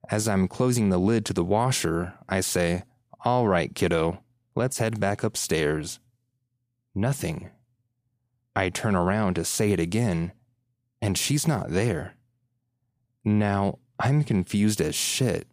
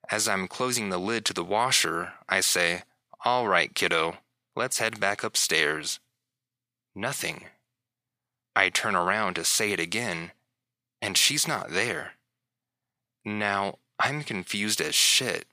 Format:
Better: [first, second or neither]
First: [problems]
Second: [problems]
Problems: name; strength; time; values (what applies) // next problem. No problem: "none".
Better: first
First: none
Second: thin; somewhat; fading below 950 Hz